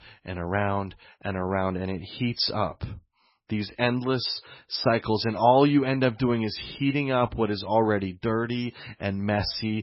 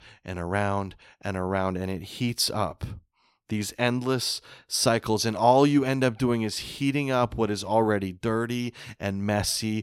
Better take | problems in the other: second | garbled, watery; badly; nothing above 5.5 kHz

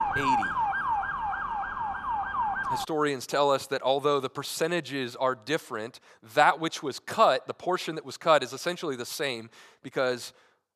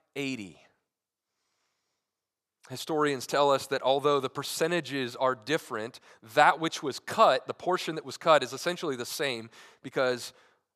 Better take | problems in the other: second | siren; loud; until 3 s; peak 2 dB above the speech

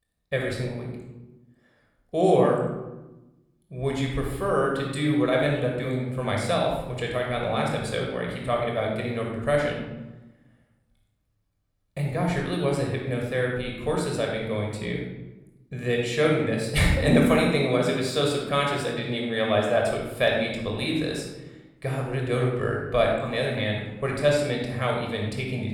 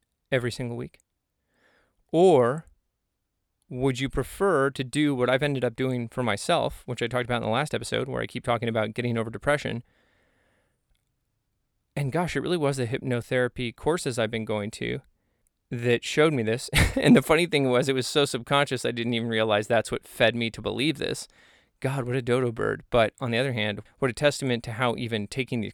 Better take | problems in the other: second | off-mic speech; somewhat distant // room echo; noticeable; dies away in 0.9 s

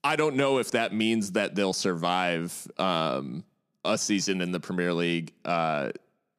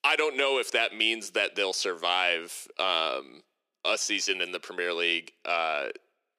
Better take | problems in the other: first | thin; very; fading below 400 Hz

